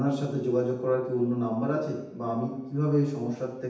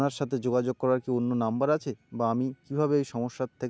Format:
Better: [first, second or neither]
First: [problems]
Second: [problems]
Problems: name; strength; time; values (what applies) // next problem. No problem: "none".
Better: second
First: room echo; dies away in 0.9 s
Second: none